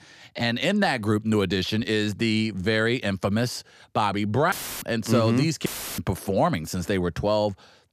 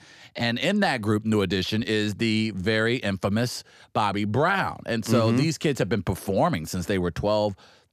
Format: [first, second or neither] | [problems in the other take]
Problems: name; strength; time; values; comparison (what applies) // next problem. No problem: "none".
second | audio cutting out; filled with static; at 4.5 s and at 5.5 s